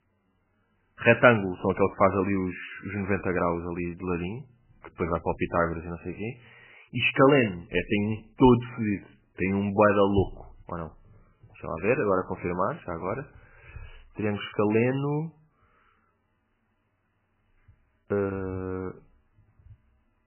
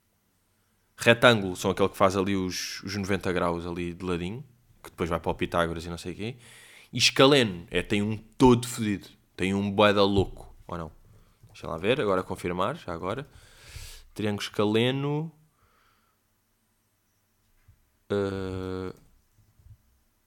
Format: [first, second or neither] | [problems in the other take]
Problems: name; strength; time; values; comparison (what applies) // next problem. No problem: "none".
second | garbled, watery; badly; nothing above 3 kHz